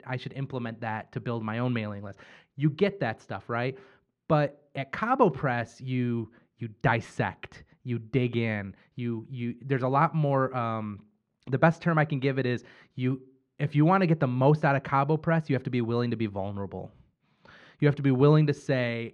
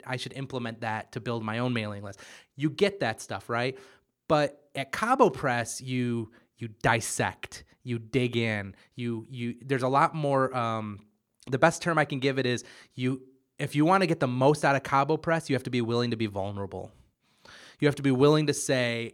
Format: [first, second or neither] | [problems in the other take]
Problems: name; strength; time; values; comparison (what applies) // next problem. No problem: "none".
second | muffled; slightly; fading above 2.5 kHz